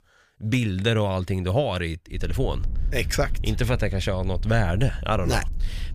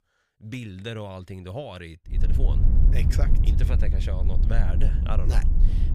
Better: first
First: low rumble; faint; from 2 s on; 25 dB below the speech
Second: low rumble; loud; from 2 s on; 3 dB below the speech

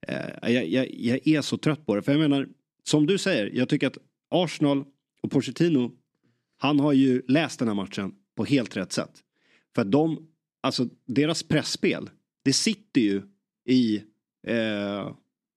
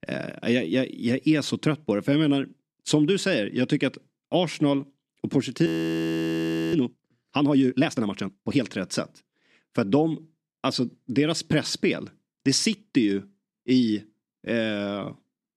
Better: first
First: none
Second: audio freezing; at 5.5 s for 1 s

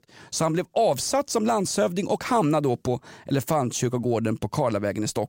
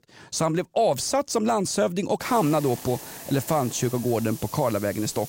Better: first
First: none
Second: hiss; noticeable; from 2 s on; 15 dB below the speech

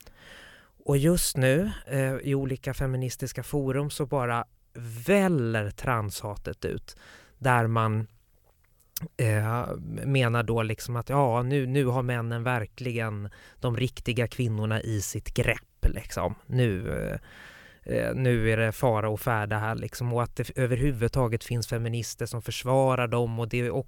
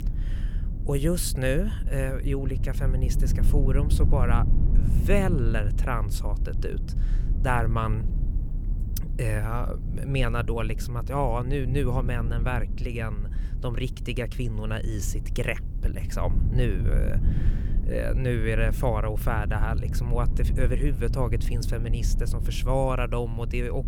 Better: first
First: none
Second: low rumble; noticeable; throughout; 10 dB below the speech

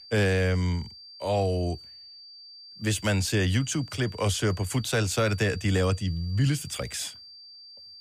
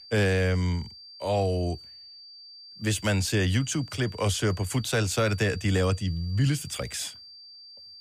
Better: neither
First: high-pitched whine; noticeable; throughout; 4.5 kHz, 15 dB below the speech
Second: high-pitched whine; noticeable; throughout; 4.5 kHz, 15 dB below the speech

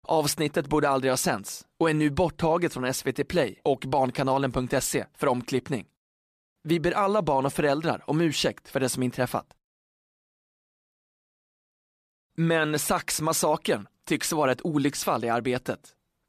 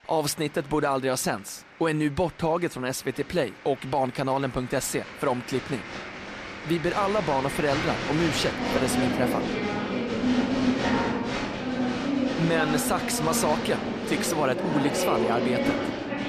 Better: first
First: none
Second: crowd noise; loud; throughout; 1 dB below the speech

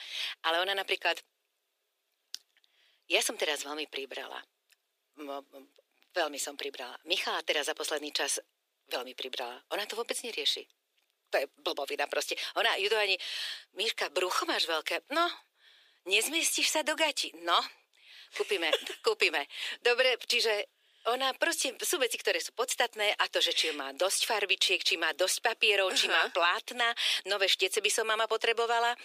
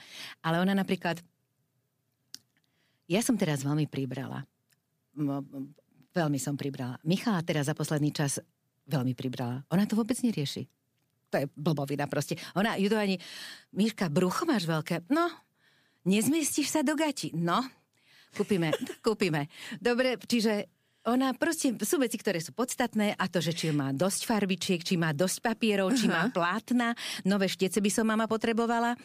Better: second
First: thin; very; fading below 400 Hz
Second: none

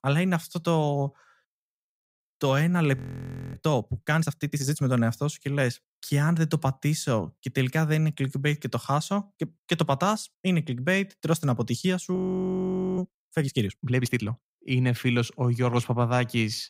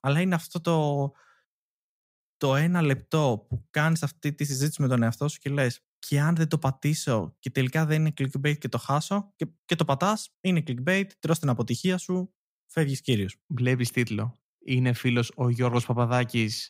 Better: second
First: audio freezing; at 3 s for 0.5 s and at 12 s for 1 s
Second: none

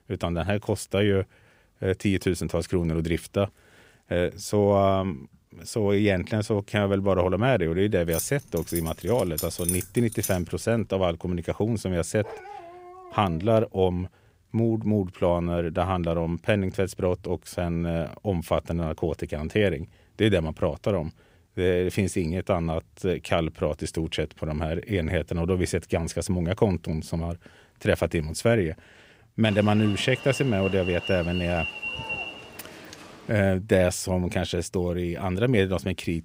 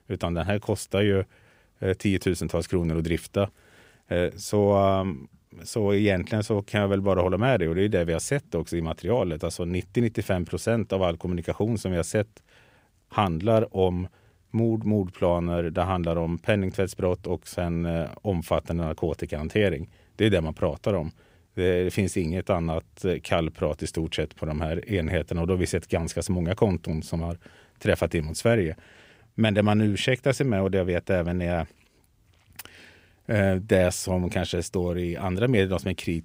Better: second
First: jangling keys; noticeable; from 8 to 10 s; peak 3 dB below the speech // dog barking; faint; from 12 to 14 s; peak 15 dB below the speech // alarm; noticeable; from 29 to 33 s; peak 4 dB below the speech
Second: none

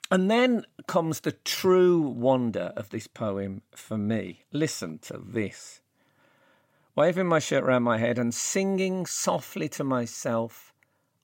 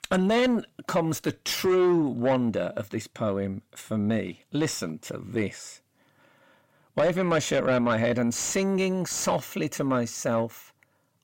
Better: first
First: none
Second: distortion; slight; 10 dB below the speech

